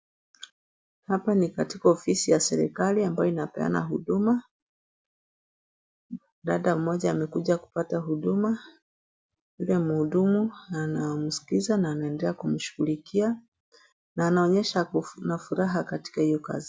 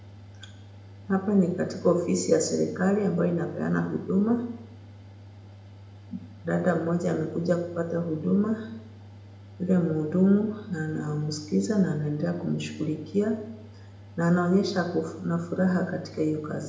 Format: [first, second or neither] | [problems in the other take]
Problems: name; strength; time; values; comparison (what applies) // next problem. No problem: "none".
first | background sound (Mechanical fan); 19 dB below the speech // room echo; dies away in 0.8 s